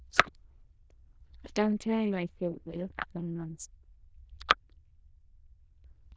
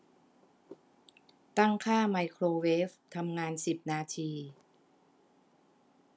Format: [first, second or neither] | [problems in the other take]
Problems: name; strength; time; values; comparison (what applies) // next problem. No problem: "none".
second | noise reduction (neural diffusion model UNIVERSE++)